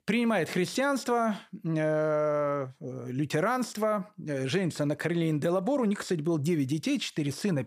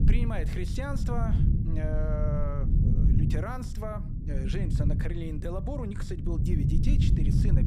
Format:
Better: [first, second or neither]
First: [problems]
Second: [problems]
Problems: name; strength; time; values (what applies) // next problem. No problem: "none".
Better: first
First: none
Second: low rumble; loud; throughout; 3 dB below the speech